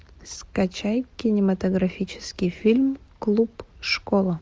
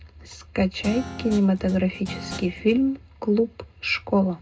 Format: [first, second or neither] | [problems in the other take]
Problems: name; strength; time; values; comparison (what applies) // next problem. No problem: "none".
first | background sound (Guitar); 13 dB below the speech // room echo; dies away in 0.2 s